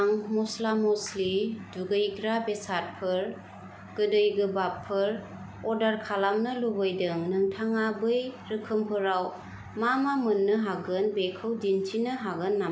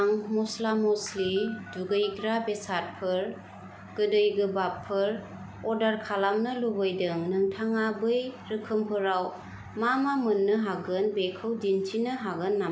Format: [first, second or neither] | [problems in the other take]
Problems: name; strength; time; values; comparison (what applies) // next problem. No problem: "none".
first | background sound (Telephone); 18 dB below the speech